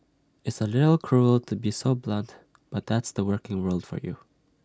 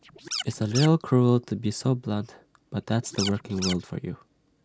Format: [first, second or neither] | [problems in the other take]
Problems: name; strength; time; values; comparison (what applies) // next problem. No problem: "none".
first | background sound (Scratching (performance technique)); 8 dB below the speech